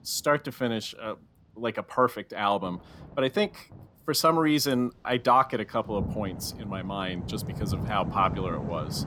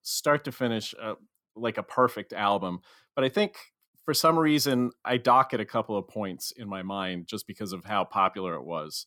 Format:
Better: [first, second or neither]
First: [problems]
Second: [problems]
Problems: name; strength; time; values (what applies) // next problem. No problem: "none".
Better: second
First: rain or running water; loud; throughout; 8 dB below the speech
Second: none